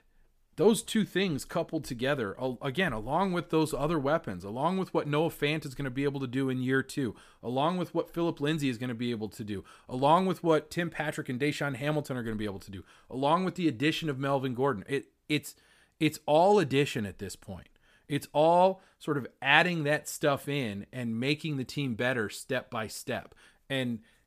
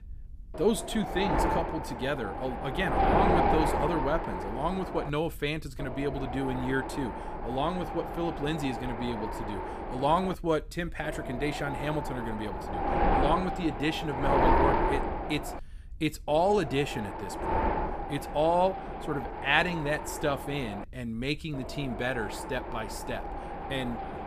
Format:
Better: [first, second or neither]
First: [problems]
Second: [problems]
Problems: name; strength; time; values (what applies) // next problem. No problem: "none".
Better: first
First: none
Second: wind noise on the microphone; heavy; as loud as the speech